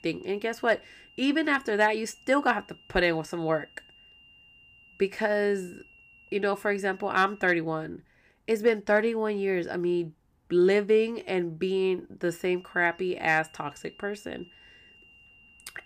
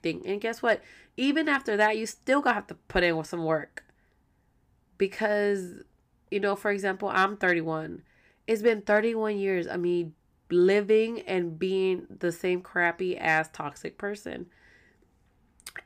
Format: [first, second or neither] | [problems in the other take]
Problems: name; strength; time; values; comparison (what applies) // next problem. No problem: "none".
second | high-pitched whine; faint; until 7.5 s and from 12 s on; 3 kHz, 25 dB below the speech